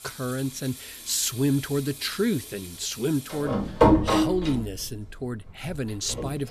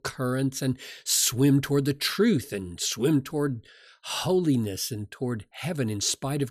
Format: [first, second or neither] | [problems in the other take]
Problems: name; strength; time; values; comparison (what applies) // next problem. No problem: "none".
second | household noises; very loud; throughout; 2 dB above the speech